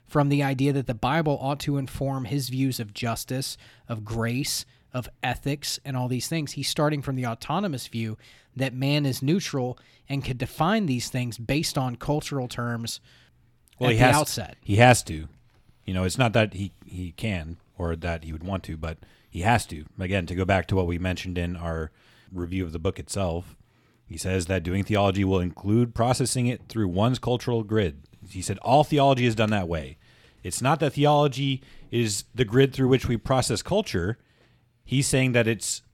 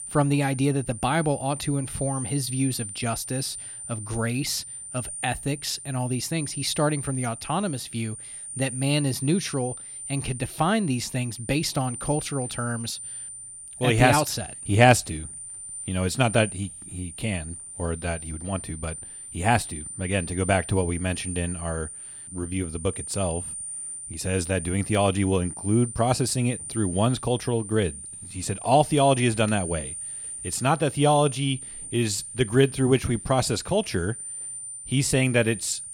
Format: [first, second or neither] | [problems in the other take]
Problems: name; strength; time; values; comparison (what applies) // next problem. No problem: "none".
first | high-pitched whine; loud; throughout; 9 kHz, 9 dB below the speech